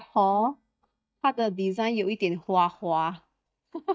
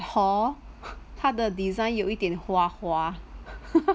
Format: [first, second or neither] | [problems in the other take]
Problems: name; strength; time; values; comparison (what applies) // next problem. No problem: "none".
second | noise reduction (neural mask model DeepFilterNet 3)